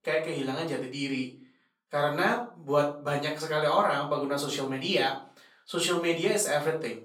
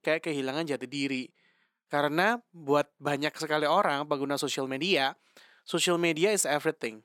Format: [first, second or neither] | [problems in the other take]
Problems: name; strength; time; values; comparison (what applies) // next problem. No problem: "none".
second | off-mic speech; far // room echo; slight; dies away in 0.3 s